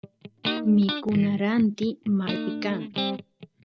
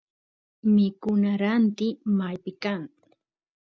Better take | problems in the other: second | background sound (Electric guitar); 7 dB below the speech

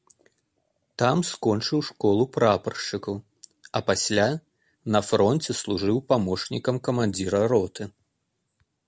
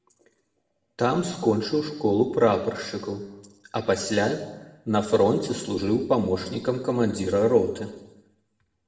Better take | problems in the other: first | room echo; dies away in 1 s

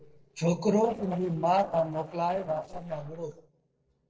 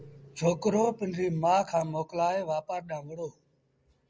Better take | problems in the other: second | noise reduction (neural separator model SepFormer DNS4)

